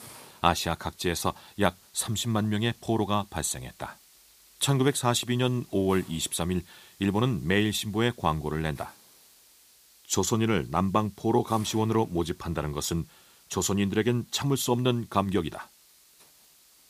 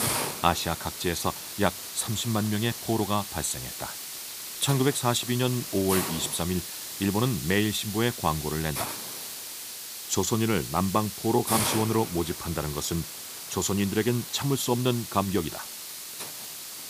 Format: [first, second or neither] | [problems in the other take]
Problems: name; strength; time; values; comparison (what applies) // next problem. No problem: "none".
first | hiss; loud; throughout; 6 dB below the speech; faint in the first